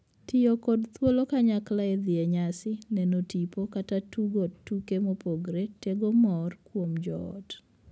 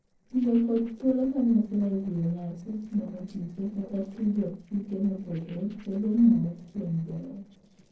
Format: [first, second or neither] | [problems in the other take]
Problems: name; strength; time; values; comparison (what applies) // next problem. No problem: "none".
first | noise reduction (neural separator model SepFormer DNS4)